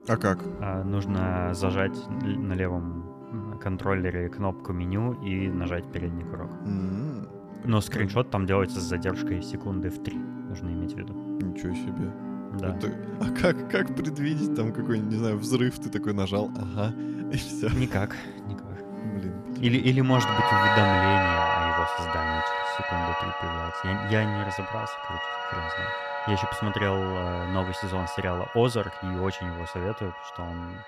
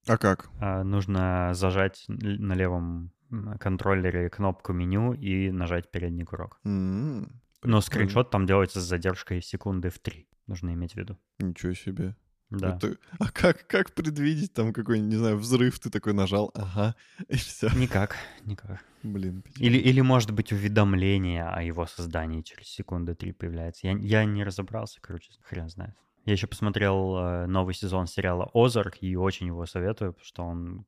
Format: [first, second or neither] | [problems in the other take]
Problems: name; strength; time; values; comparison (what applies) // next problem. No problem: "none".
second | background music; loud; throughout; 2 dB below the speech